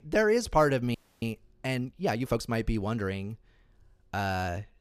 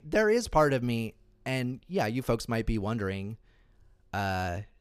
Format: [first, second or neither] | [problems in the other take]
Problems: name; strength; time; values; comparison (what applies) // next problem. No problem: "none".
second | audio freezing; at 1 s